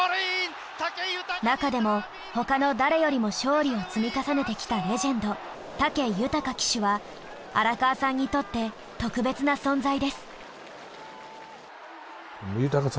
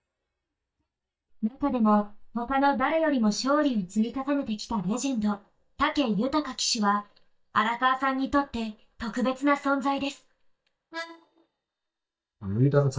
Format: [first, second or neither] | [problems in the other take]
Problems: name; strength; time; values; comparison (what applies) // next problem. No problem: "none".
first | noise reduction (neural mask model DeepFilterNet 3)